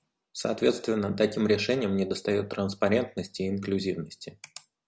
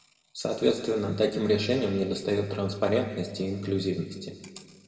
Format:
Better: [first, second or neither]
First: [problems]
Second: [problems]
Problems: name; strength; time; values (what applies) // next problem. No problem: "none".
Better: first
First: none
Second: room echo; dies away in 1.9 s